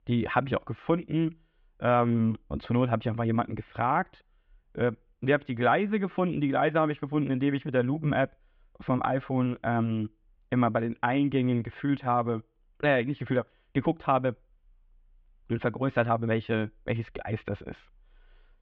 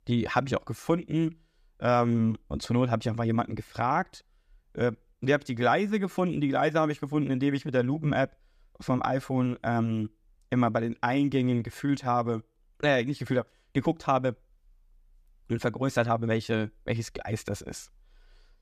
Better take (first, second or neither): second